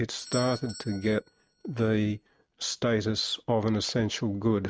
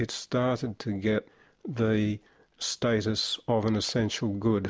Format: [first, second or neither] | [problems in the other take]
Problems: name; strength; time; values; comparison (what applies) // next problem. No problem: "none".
second | noise reduction (neural mask model RNNoise)